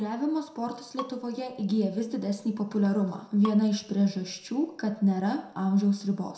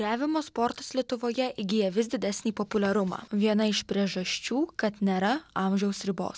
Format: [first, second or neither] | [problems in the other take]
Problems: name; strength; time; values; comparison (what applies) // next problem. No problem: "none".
second | background sound (Bowed string instrument); 20 dB below the speech // room echo; dies away in 0.5 s